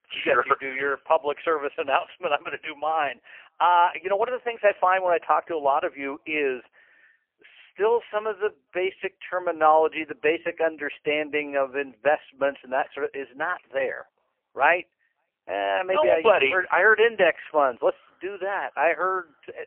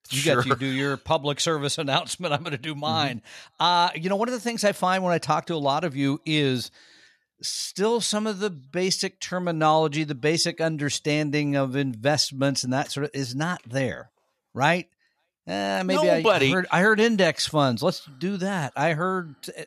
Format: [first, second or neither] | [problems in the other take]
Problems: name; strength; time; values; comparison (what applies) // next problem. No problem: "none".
second | phone-call audio; poor line; nothing above 3 kHz